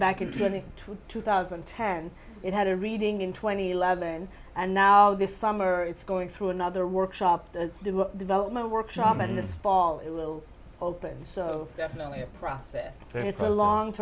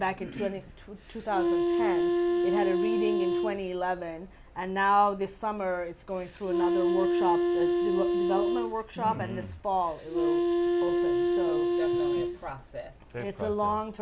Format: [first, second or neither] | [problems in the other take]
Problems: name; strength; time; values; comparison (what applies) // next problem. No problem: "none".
first | background sound (Wind instrument, woodwind instrument); 4 dB above the speech